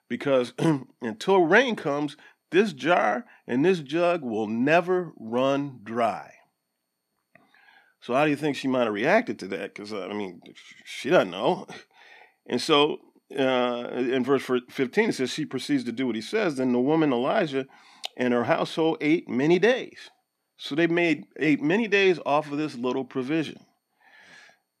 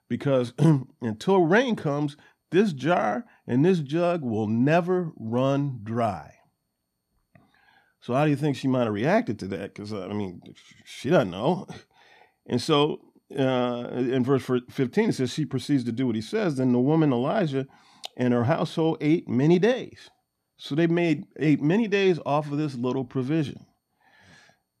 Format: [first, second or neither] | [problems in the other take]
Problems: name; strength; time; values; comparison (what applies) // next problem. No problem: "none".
second | thin; very slightly; fading below 250 Hz